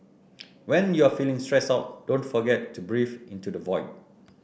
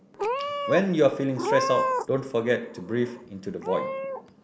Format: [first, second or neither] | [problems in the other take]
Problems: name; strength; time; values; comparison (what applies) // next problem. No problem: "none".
first | background sound (Meow / Purr); 4 dB below the speech